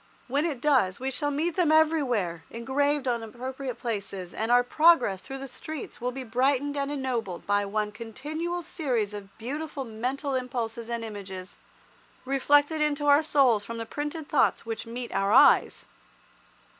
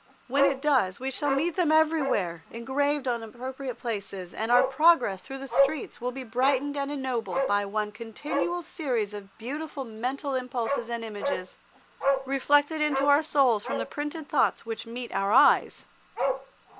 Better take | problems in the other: first | background sound (Bark); 6 dB below the speech

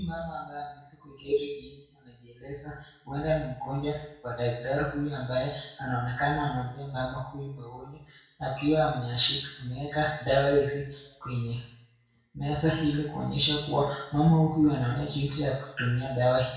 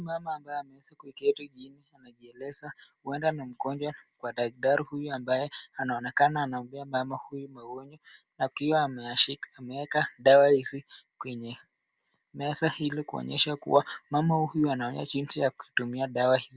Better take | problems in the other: second | room echo; dies away in 0.6 s

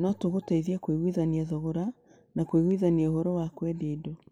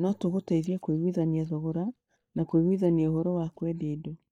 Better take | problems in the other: first | noise reduction (neural mask model DeepFilterNet 3)

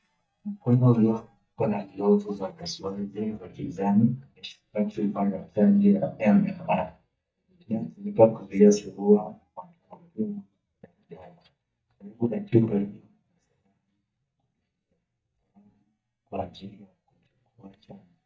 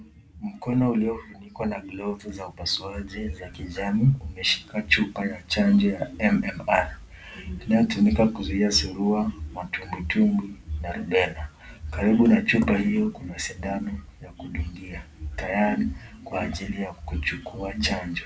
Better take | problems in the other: second | noise reduction (neural mask model DeepFilterNet 3)

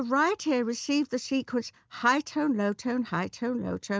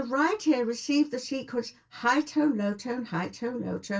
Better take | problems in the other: first | room echo; dies away in 0.2 s

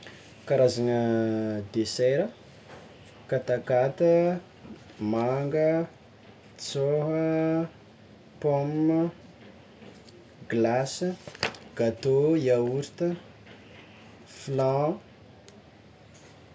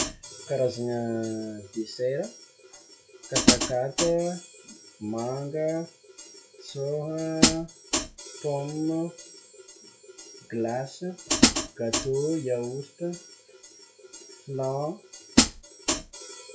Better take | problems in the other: first | noise reduction (classical method log-MMSE)

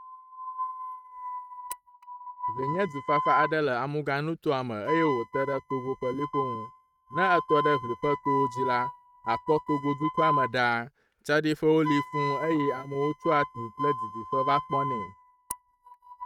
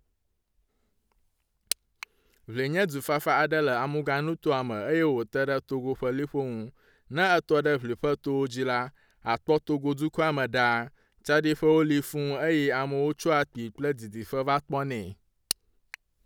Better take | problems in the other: second | noise reduction (neural mask model RNNoise)

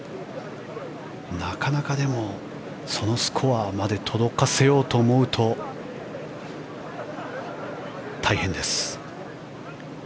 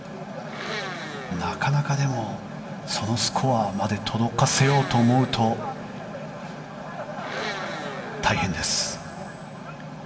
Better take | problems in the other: first | background sound (Domestic sounds, home sounds); 12 dB below the speech // room echo; dies away in 2.4 s

